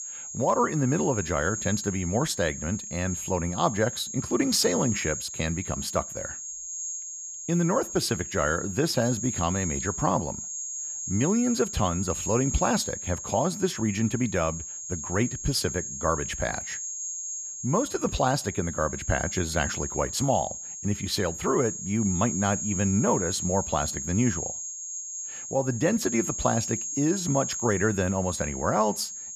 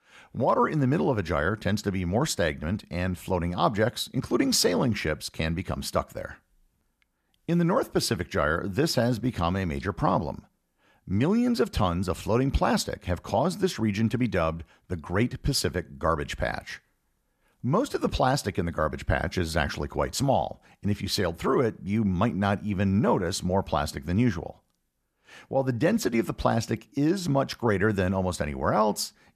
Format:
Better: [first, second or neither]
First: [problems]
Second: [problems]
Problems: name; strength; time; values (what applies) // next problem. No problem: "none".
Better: second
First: high-pitched whine; loud; throughout; 6.5 kHz, 5 dB below the speech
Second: none